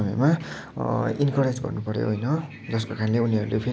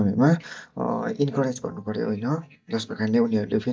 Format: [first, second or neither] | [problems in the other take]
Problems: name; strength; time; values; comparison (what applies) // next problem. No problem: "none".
first | noise reduction (neural mask model DeepFilterNet 3)